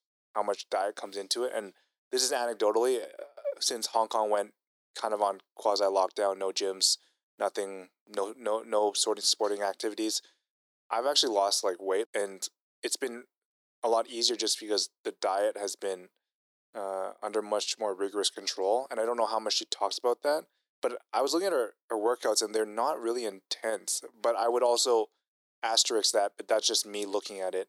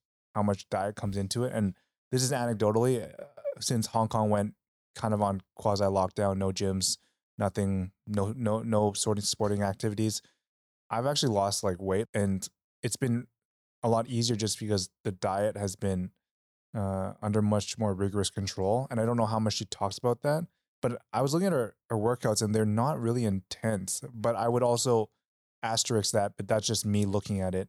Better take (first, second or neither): second